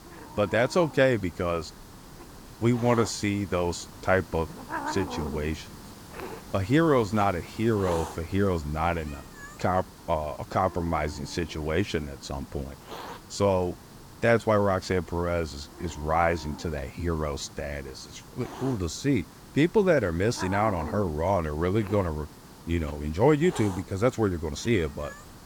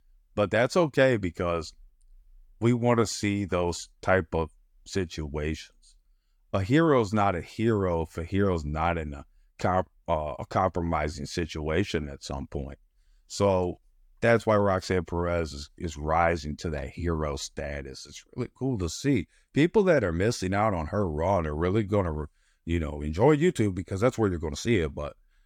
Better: second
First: hiss; noticeable; throughout; 15 dB below the speech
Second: none

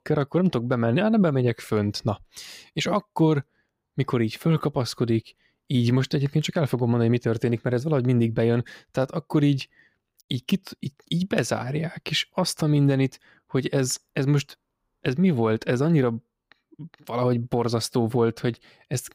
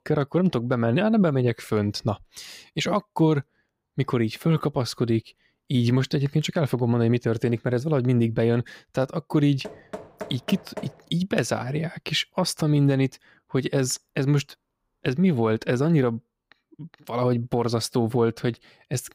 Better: first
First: none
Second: door banging; faint; from 9.5 to 11 s; peak 15 dB below the speech

